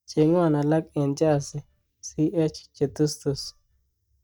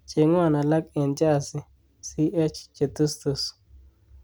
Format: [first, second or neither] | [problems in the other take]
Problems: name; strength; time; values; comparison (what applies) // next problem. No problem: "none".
second | noise reduction (neural mask model DeepFilterNet 3)